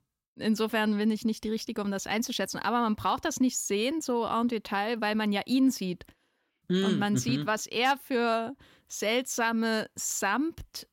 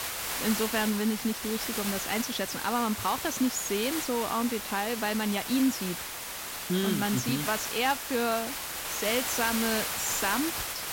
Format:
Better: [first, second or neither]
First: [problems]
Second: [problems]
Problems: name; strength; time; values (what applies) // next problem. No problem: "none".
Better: first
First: none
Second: hiss; loud; throughout; 3 dB below the speech